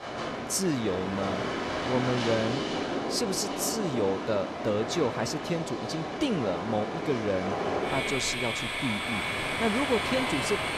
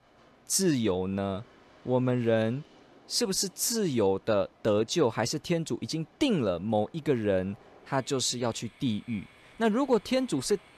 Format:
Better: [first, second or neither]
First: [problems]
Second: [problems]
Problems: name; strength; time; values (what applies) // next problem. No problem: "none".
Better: second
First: train or aircraft noise; loud; throughout; as loud as the speech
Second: train or aircraft noise; faint; throughout; 30 dB below the speech